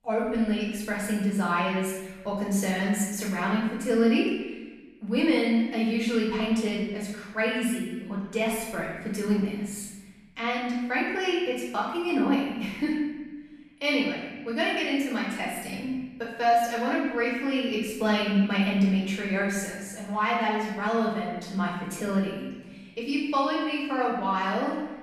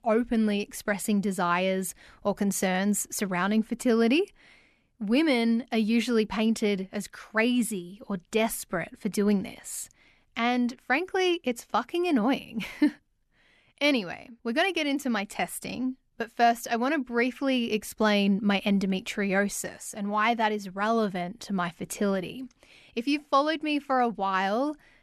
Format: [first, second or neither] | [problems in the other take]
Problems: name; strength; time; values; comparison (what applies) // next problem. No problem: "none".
second | off-mic speech; far // room echo; noticeable; dies away in 1.2 s